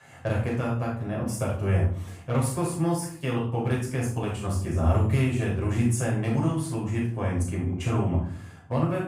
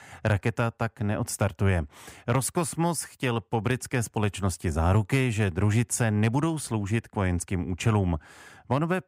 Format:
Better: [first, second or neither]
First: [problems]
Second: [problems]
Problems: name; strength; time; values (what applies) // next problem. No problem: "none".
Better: second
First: off-mic speech; far // room echo; noticeable; dies away in 0.5 s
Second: none